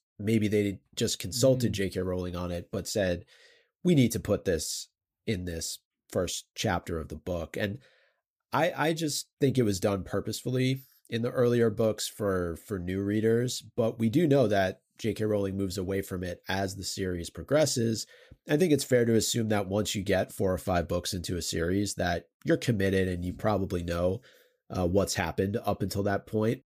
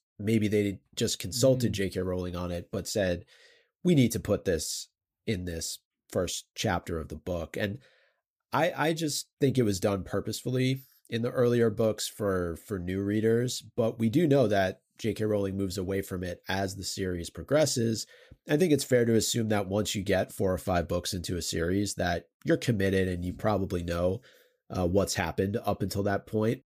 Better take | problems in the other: neither | none

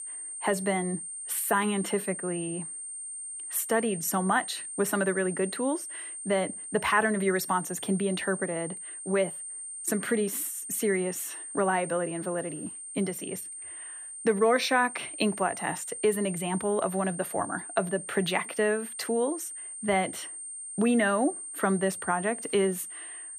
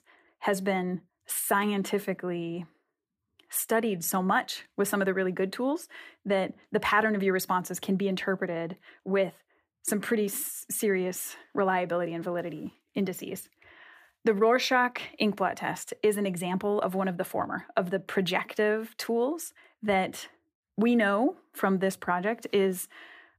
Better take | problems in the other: second | high-pitched whine; loud; throughout; 8.5 kHz, 8 dB below the speech

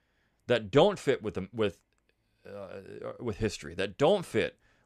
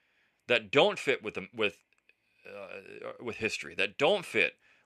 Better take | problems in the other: first | thin; very slightly; fading below 350 Hz

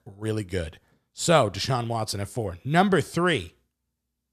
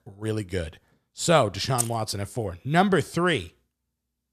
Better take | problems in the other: first | jangling keys; noticeable; at 2 s; peak 4 dB below the speech

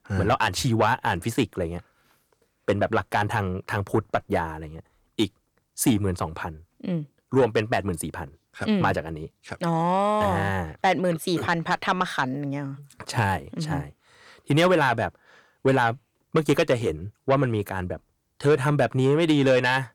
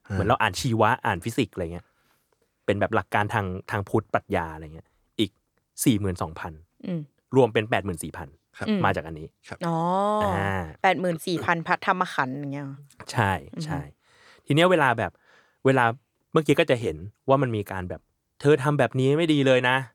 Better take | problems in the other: second | distortion; slight; 10 dB below the speech

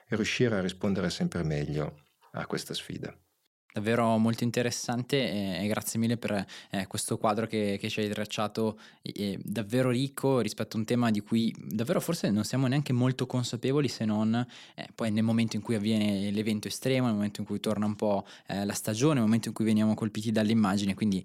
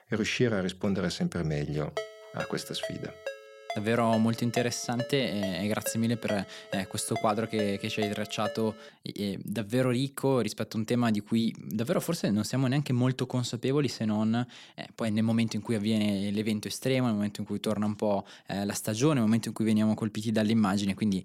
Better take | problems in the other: first | phone ringing; noticeable; from 2 to 8.5 s; peak 9 dB below the speech

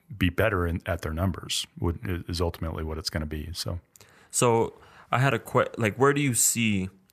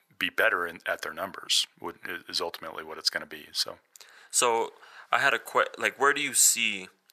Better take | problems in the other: first | thin; very; fading below 550 Hz

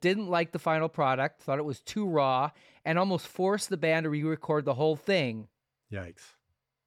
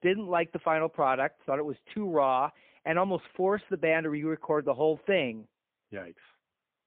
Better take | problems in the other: first | phone-call audio; poor line

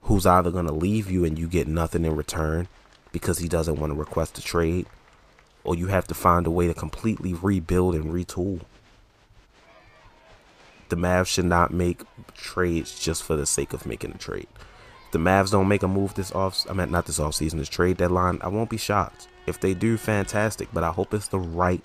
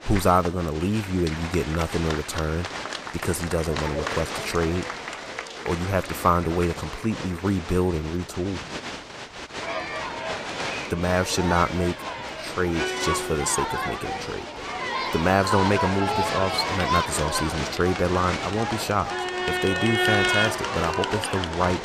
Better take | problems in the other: first | crowd noise; loud; throughout; 3 dB below the speech; faint in the first

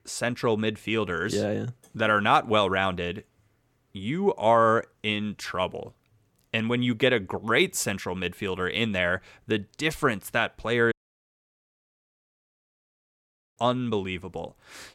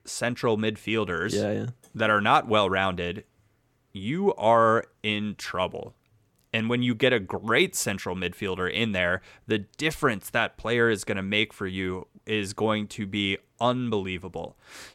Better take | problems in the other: second | audio cutting out; at 11 s for 2.5 s

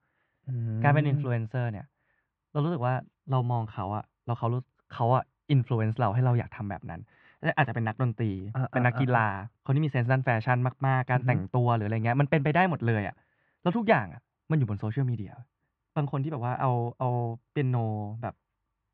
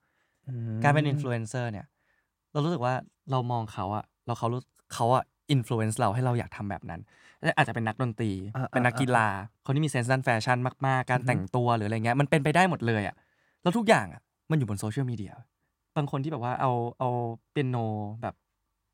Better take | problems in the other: second | muffled; very; fading above 3 kHz

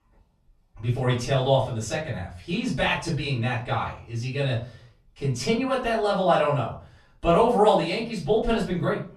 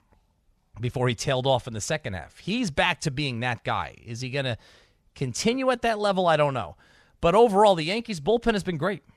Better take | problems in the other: second | off-mic speech; far // room echo; slight; dies away in 0.4 s

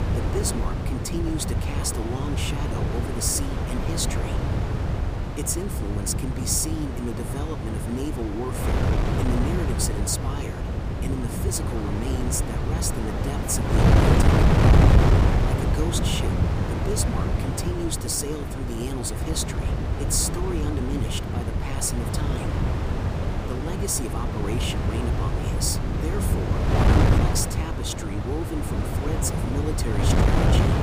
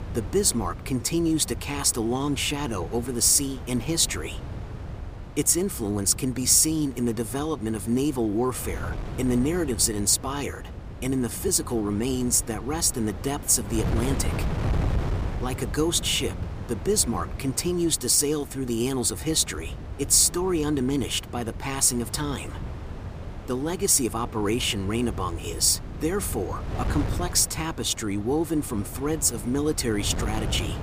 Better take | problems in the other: second | wind noise on the microphone; heavy; 1 dB above the speech; occasional gusts in the second

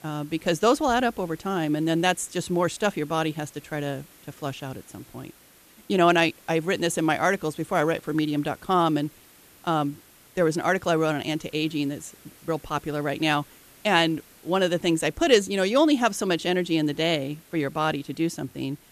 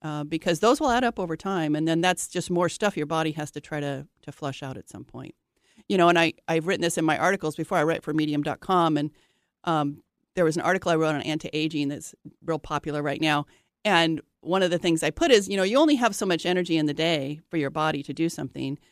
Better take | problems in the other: second | hiss; faint; throughout; 25 dB below the speech

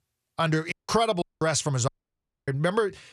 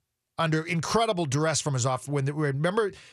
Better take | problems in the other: second | audio cutting out; at 0.5 s, at 1 s and at 2 s for 0.5 s

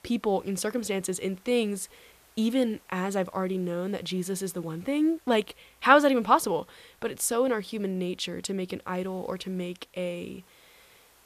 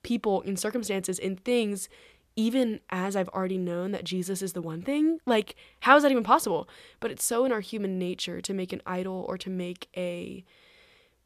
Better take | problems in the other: second | hiss; faint; throughout; 30 dB below the speech

